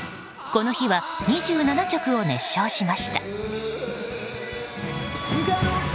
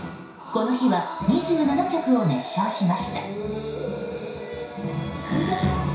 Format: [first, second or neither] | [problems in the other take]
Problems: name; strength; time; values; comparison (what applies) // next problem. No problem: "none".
first | background sound (Wood); 15 dB below the speech // room echo; dies away in 0.6 s